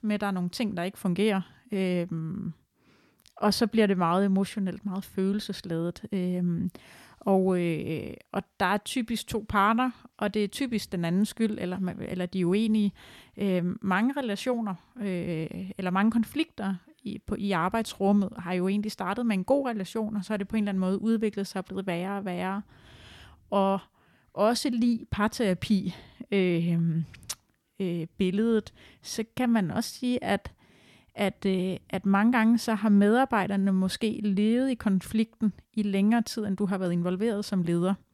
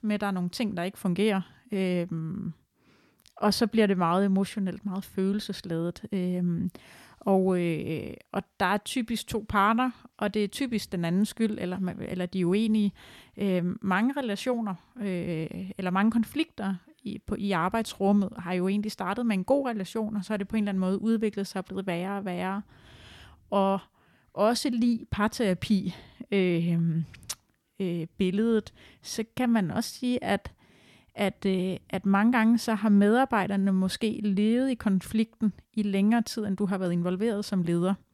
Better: neither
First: none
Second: none

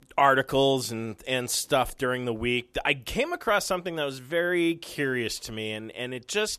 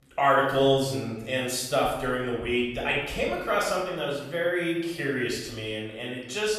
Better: first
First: none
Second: off-mic speech; far // room echo; noticeable; dies away in 0.8 s

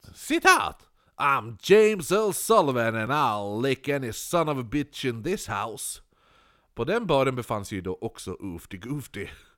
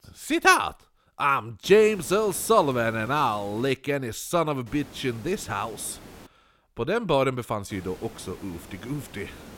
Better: first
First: none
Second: hiss; faint; from 1.5 to 3.5 s, from 4.5 to 6.5 s and from 7.5 s on; 20 dB below the speech

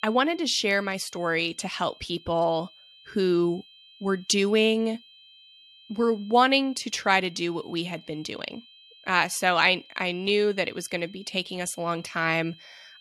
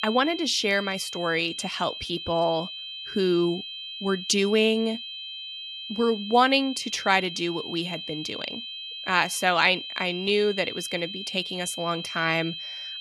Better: first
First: high-pitched whine; faint; throughout; 3 kHz, 25 dB below the speech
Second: high-pitched whine; loud; throughout; 3 kHz, 9 dB below the speech

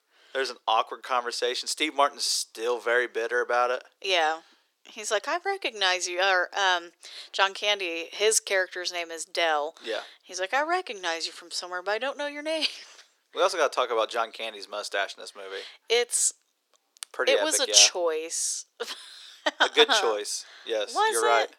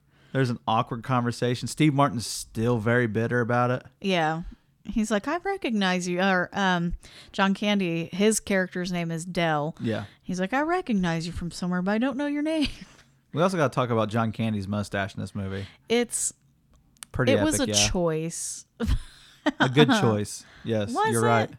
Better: second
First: thin; very; fading below 400 Hz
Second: none

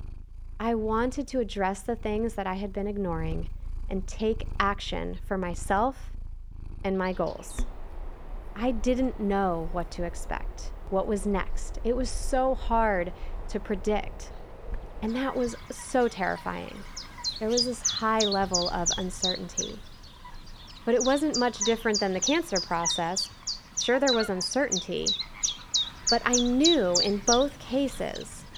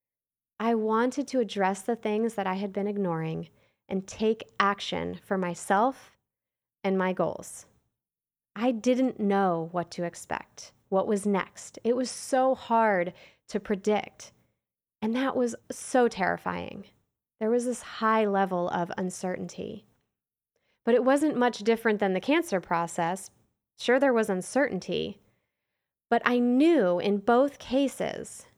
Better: second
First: animal sounds; loud; throughout; 2 dB below the speech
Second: none

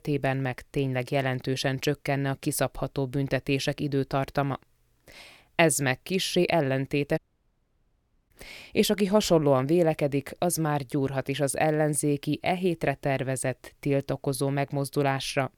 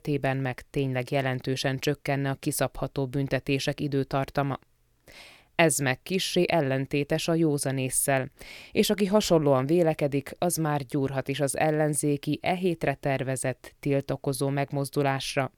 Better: second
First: audio cutting out; at 7 s for 1 s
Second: none

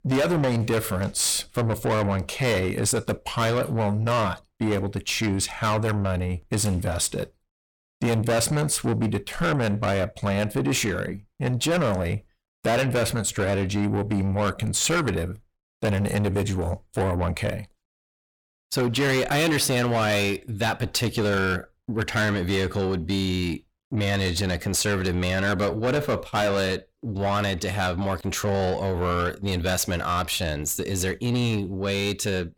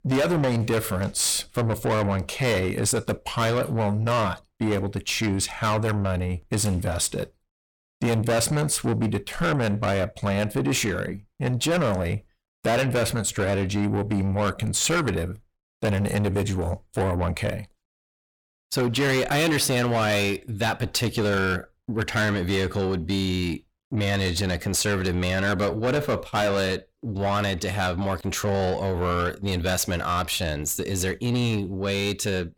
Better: neither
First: distortion; heavy; 6 dB below the speech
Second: distortion; heavy; 6 dB below the speech

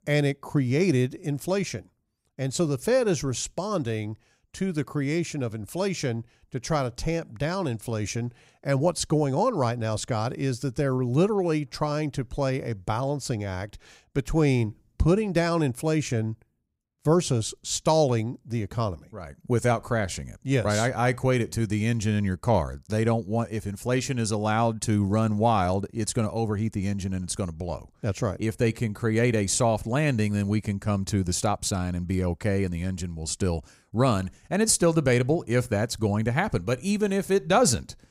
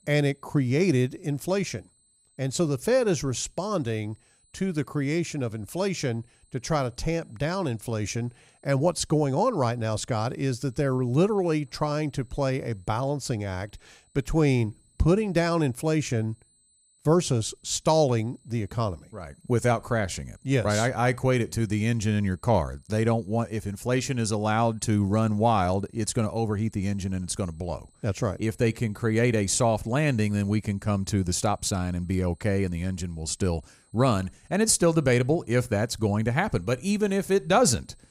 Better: first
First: none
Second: high-pitched whine; faint; throughout; 8 kHz, 35 dB below the speech

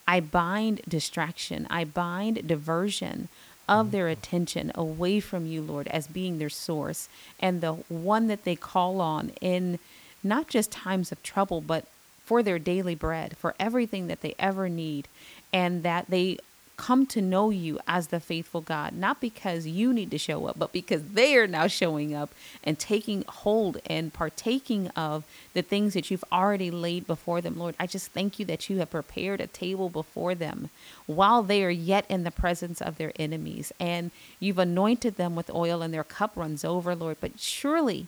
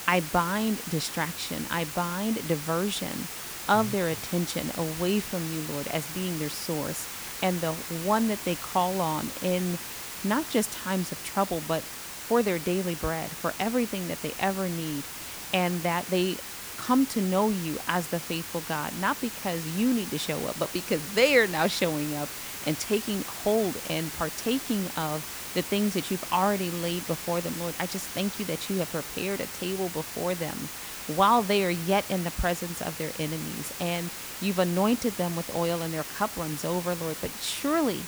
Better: first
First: hiss; faint; throughout; 25 dB below the speech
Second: hiss; loud; throughout; 7 dB below the speech

